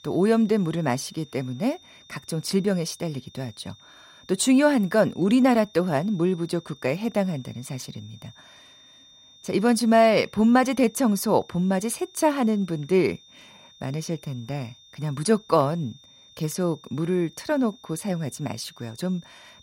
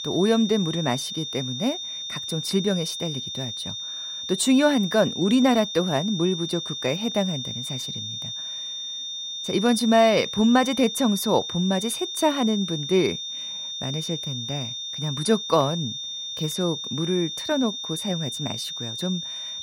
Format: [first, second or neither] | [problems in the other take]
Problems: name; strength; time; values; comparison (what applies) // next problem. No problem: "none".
first | high-pitched whine; loud; throughout; 3.5 kHz, 6 dB below the speech; faint in the first